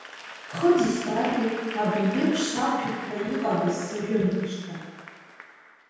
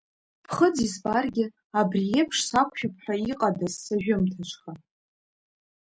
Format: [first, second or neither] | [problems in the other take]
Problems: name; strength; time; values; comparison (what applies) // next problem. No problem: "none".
second | background sound (Applause / Crowd); 13 dB below the speech // room echo; dies away in 1.2 s